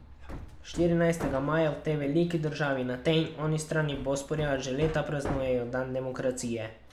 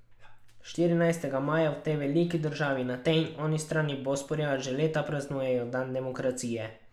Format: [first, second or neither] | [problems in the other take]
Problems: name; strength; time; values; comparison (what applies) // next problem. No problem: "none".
second | background sound (Hammer); 13 dB below the speech